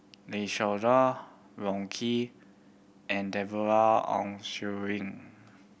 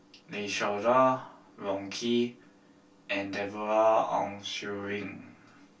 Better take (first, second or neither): first